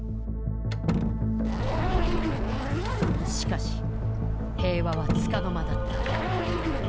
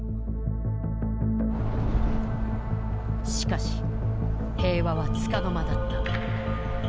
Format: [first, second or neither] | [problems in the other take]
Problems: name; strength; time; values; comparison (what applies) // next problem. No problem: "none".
second | background sound (Zipper (clothing) + Slam); 6 dB below the speech